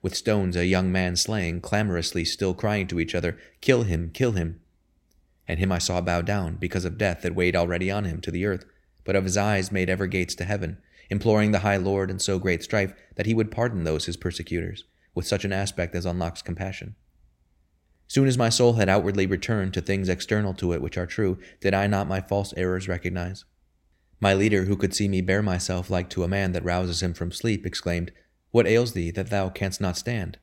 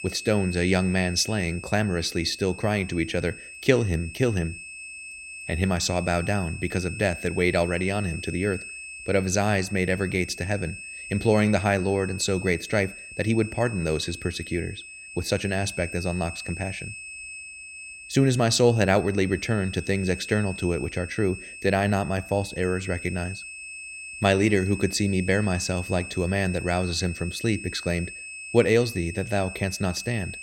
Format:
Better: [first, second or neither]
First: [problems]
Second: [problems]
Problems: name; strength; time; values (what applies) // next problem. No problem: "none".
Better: first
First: none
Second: high-pitched whine; noticeable; throughout; 2.5 kHz, 10 dB below the speech